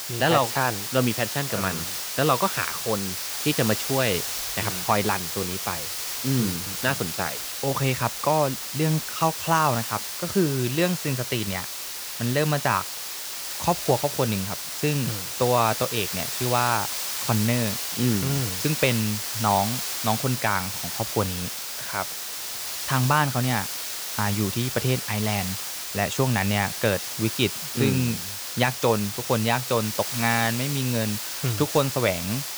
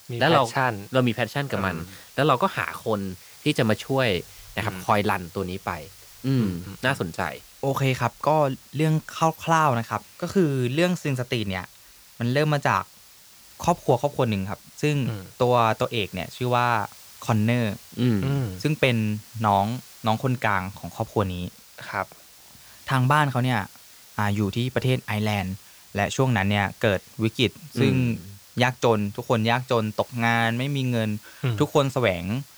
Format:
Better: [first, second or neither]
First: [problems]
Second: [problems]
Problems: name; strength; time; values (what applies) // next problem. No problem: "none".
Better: second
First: hiss; loud; throughout; 3 dB below the speech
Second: hiss; faint; throughout; 20 dB below the speech